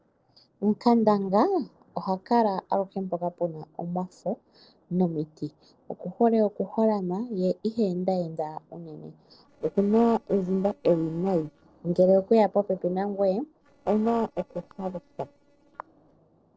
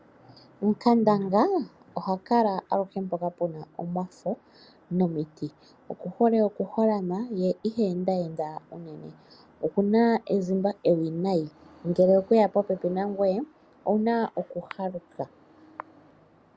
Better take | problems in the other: second | noise reduction (neural separator model SepFormer DNS4)

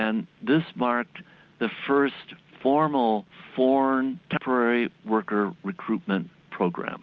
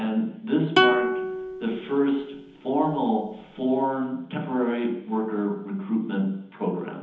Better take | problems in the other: first | background sound (Plucked string instrument); 1 dB below the speech // room echo; dies away in 1.3 s

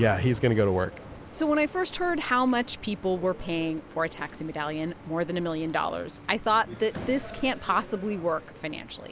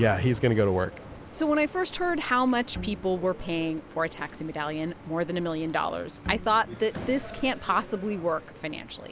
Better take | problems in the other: first | background sound (Bowed string instrument); 14 dB below the speech

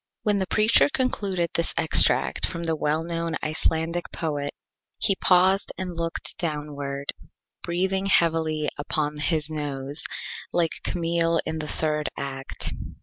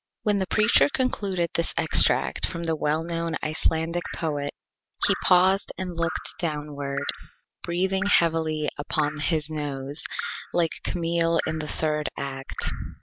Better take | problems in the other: first | background sound (Drip); 14 dB below the speech

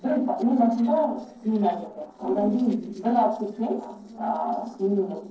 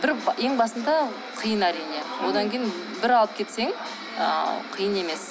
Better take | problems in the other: second | noise reduction (neural separator model SepFormer DNS4)

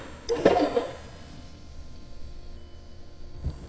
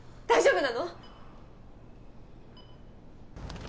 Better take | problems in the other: second | noise reduction (neural mask model DeepFilterNet 3)

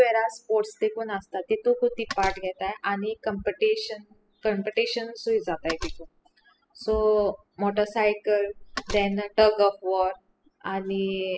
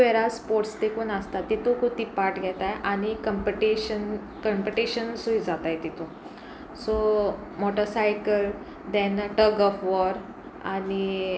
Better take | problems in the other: second | noise reduction (classical method spectral subtraction)

